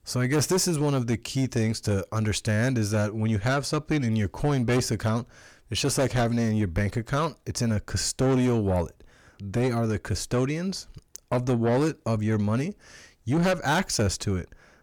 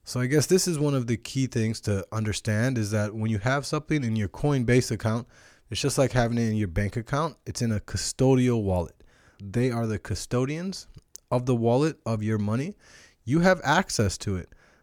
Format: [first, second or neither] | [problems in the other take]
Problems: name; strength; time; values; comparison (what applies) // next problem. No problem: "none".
second | distortion; slight; 10 dB below the speech